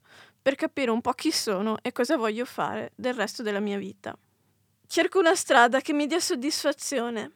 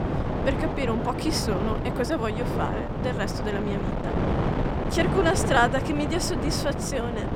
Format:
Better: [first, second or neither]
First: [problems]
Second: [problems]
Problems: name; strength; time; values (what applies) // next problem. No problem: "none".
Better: first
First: none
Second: wind noise on the microphone; heavy; 4 dB below the speech